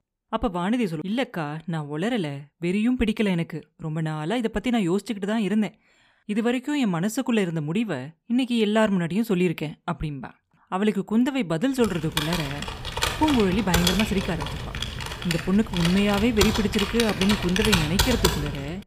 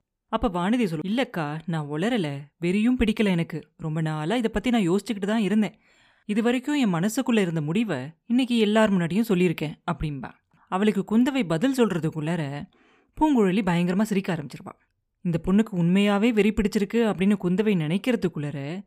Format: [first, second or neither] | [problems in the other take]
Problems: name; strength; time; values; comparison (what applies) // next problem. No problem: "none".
second | keyboard typing; loud; from 12 s on; peak 3 dB above the speech